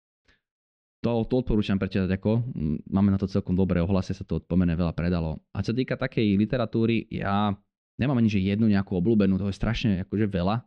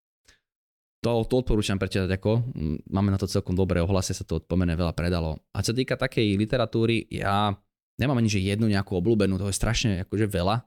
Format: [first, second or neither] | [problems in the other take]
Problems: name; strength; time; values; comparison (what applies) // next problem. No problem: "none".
second | muffled; slightly; fading above 3.5 kHz